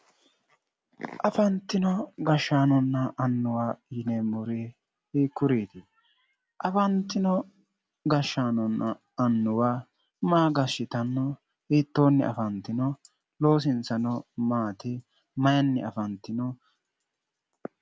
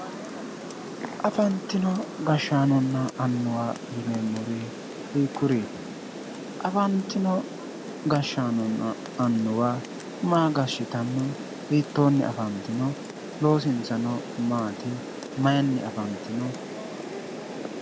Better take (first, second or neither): first